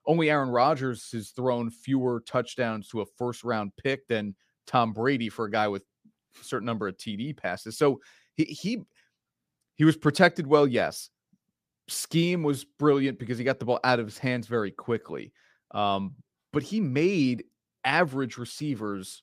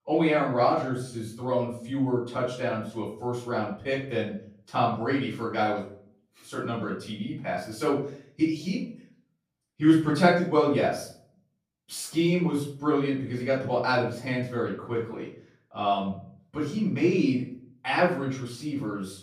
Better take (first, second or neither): first